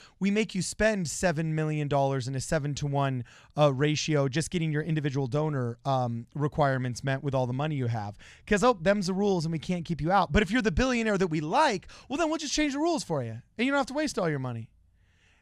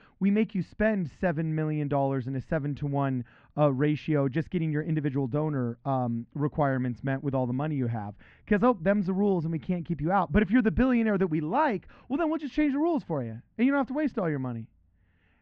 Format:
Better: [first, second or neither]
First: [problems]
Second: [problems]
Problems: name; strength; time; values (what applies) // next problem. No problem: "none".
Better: first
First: none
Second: muffled; very; fading above 2 kHz